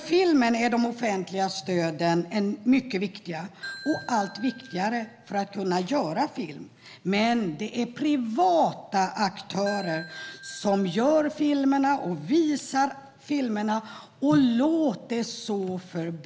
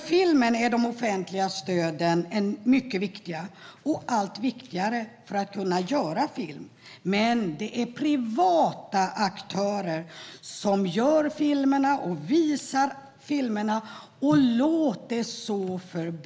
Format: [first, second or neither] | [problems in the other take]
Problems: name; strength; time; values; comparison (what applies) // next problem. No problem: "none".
second | background sound (Ringtone / Bell); 16 dB below the speech